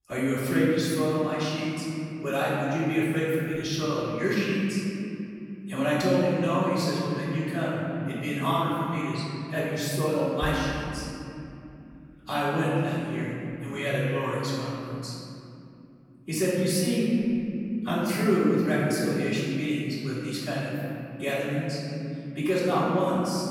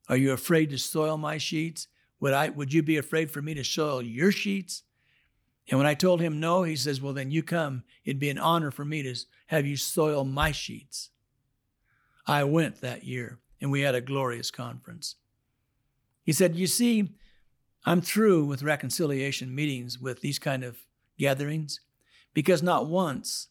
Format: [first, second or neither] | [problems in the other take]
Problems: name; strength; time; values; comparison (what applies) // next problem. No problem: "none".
second | room echo; strong; dies away in 3 s // off-mic speech; far